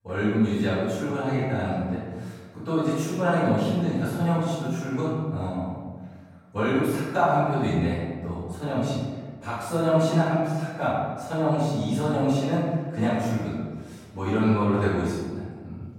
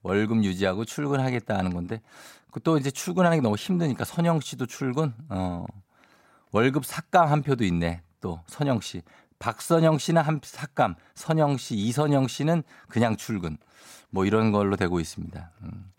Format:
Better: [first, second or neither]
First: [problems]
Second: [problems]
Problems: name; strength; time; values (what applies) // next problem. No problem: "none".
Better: second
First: off-mic speech; far // room echo; strong; dies away in 1.4 s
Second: none